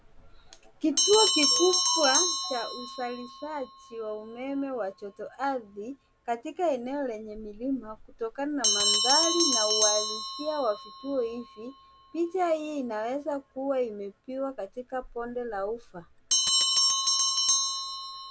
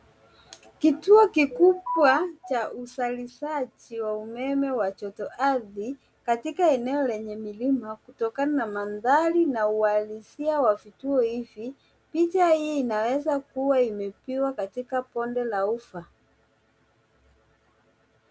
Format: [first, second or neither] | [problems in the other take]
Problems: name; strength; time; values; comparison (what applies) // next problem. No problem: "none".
second | background sound (Bell); 1 dB above the speech